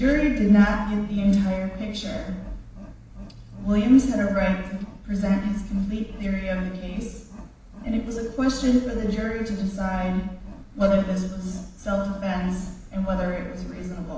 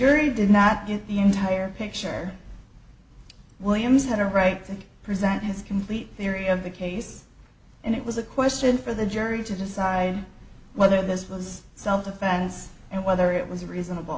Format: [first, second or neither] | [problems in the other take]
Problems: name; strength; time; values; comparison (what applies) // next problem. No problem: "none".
second | background sound (Wild animals); 20 dB below the speech // room echo; dies away in 0.8 s